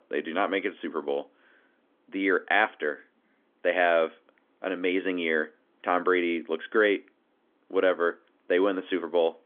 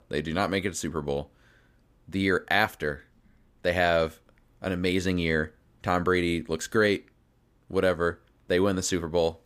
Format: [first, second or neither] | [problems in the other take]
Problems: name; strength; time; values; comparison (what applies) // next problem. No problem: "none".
second | phone-call audio; nothing above 3.5 kHz